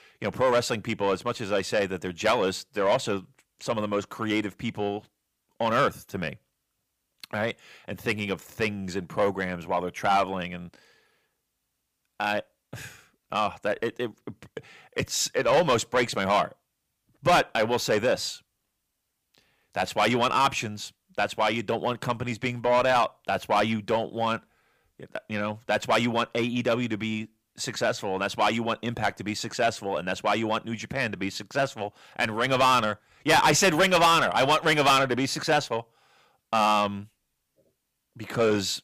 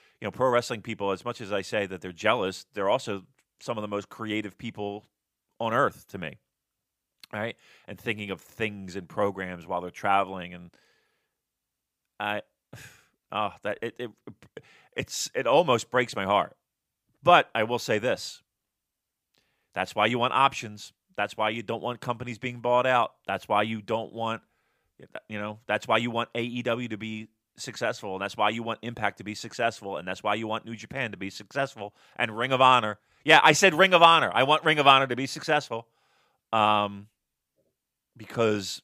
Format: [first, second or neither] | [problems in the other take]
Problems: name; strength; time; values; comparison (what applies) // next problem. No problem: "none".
second | distortion; heavy; 6 dB below the speech